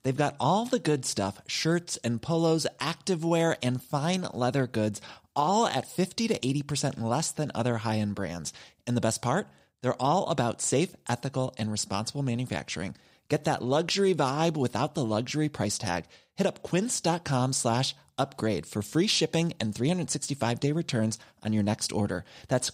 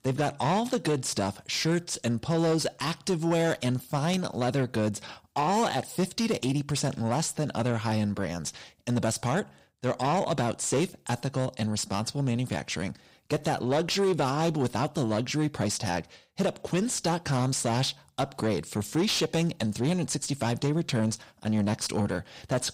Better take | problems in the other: first | distortion; slight; 10 dB below the speech

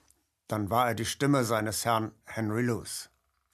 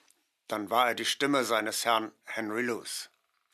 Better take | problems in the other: first | thin; very slightly; fading below 350 Hz

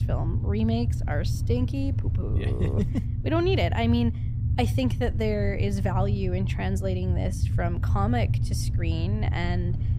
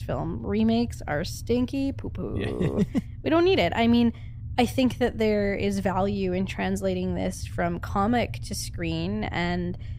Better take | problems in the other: second | low rumble; loud; throughout; 10 dB below the speech; faint in the second

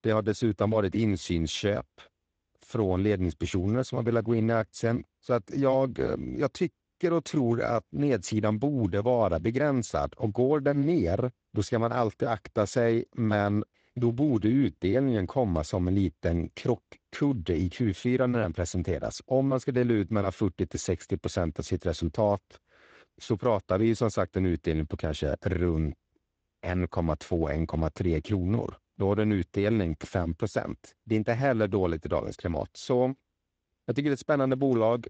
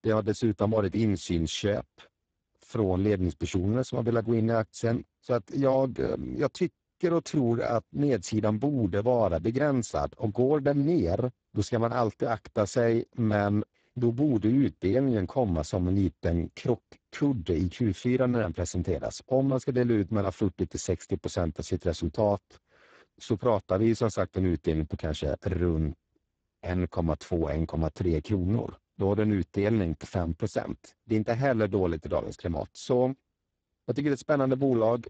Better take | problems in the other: first | garbled, watery; badly; nothing above 7.5 kHz; slightly in the first

